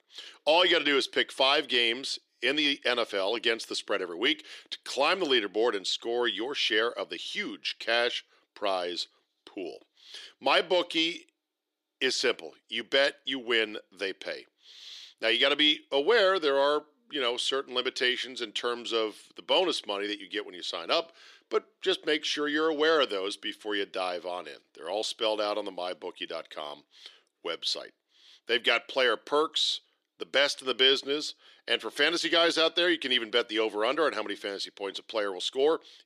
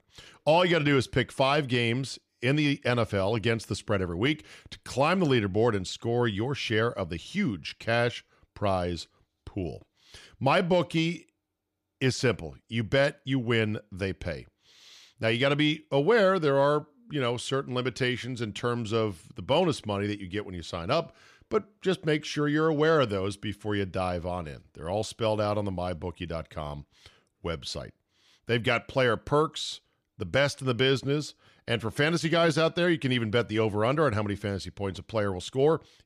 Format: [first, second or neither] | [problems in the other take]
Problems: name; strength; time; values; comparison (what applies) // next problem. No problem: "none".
second | thin; somewhat; fading below 350 Hz